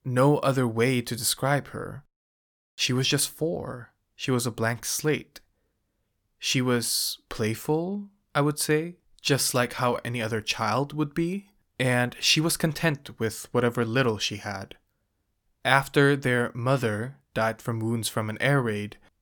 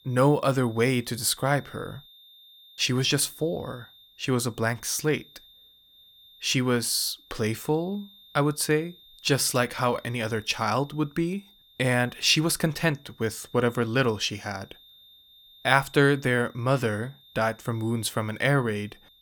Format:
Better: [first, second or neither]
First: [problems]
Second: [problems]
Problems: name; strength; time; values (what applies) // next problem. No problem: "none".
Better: first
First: none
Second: high-pitched whine; faint; throughout; 3.5 kHz, 25 dB below the speech